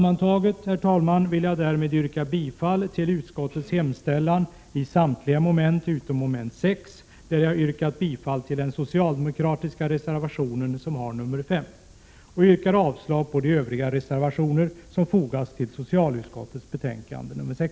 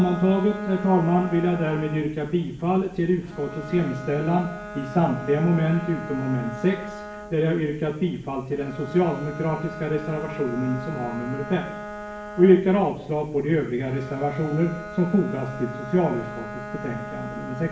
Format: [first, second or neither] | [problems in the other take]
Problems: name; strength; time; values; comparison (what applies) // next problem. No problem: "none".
first | background sound (Bowed string instrument); 13 dB below the speech // room echo; dies away in 0.5 s